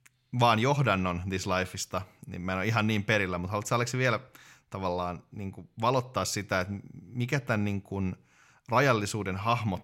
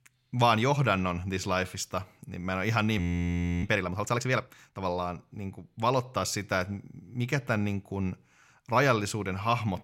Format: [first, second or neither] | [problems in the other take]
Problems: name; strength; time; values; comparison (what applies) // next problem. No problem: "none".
first | audio freezing; at 3 s for 0.5 s